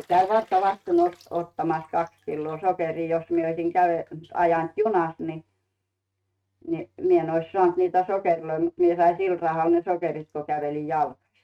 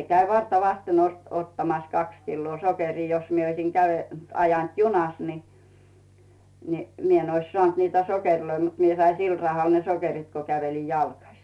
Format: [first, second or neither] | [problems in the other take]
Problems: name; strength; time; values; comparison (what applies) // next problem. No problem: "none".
second | noise reduction (neural mask model RNNoise)